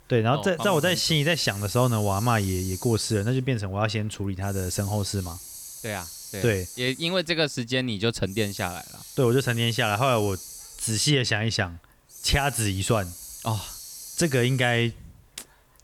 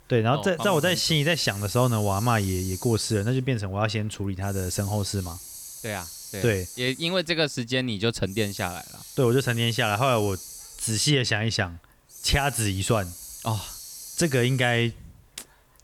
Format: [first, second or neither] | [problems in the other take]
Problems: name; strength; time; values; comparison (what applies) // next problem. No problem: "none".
neither | hiss; noticeable; throughout; 15 dB below the speech; the same in both